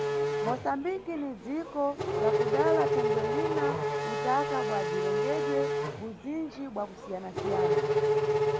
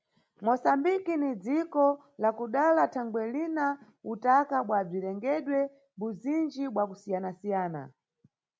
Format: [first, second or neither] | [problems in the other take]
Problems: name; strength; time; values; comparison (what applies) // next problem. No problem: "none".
second | background sound (Race car, auto racing / Accelerating, revving, vroom); 5 dB above the speech